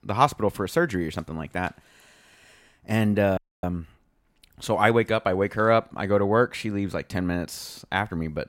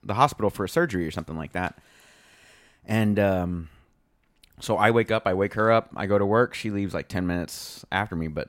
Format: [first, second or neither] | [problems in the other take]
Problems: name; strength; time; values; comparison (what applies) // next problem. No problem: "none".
second | audio freezing; at 3.5 s